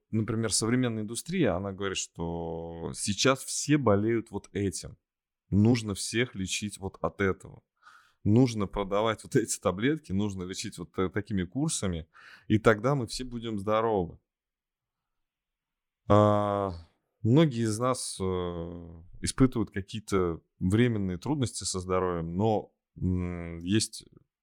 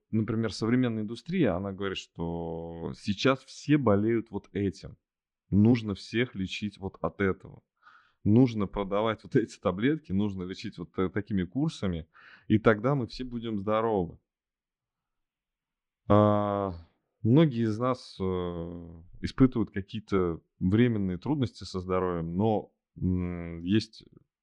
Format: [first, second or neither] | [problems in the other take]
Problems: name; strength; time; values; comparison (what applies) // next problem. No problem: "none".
first | muffled; slightly; fading above 4 kHz